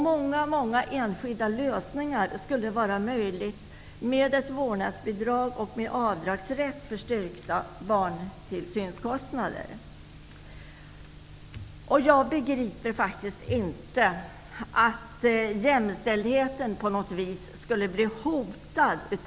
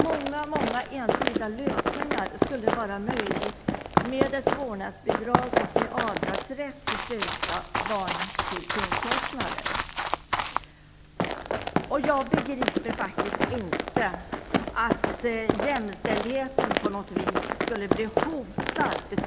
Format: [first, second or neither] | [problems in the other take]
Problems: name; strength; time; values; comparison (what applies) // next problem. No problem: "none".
first | background sound (Run); 3 dB above the speech